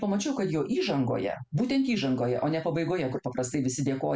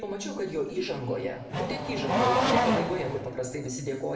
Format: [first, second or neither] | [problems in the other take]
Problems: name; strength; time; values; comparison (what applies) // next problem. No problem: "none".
first | background sound (Race car, auto racing / Accelerating, revving, vroom); 3 dB above the speech // room echo; dies away in 1.9 s